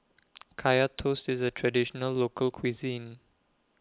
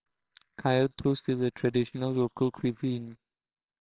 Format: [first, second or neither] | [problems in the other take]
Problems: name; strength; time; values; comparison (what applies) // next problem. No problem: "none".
first | noise reduction (neural separator model SepFormer WHAMR!)